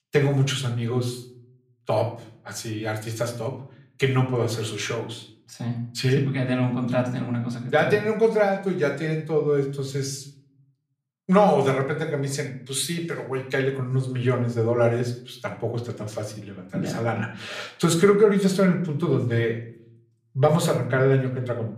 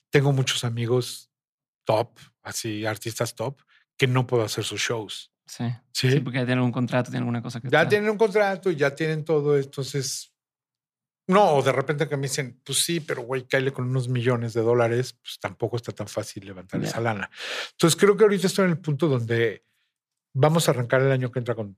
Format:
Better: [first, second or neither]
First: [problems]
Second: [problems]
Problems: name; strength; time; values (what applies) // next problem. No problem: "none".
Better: second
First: room echo; slight; dies away in 0.5 s // off-mic speech; far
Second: none